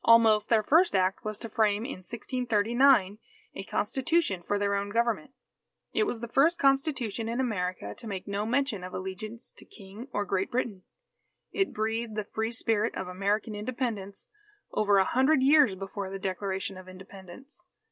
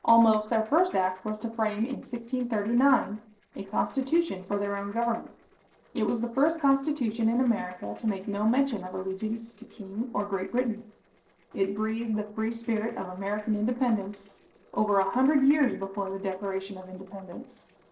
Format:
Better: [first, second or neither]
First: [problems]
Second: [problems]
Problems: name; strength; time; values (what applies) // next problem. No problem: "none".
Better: first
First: none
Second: noise reduction (neural separator model SepFormer DNS4)